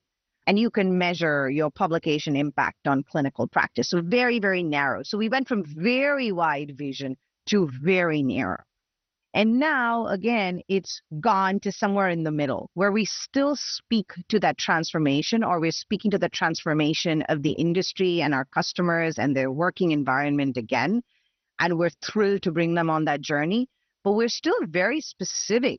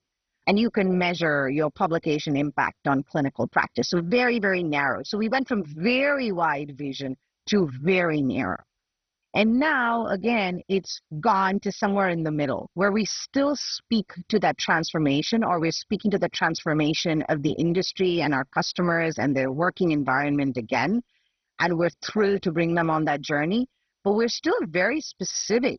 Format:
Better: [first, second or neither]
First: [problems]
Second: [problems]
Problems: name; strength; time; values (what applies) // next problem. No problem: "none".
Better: first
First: garbled, watery; slightly; nothing above 6 kHz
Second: garbled, watery; badly; nothing above 6 kHz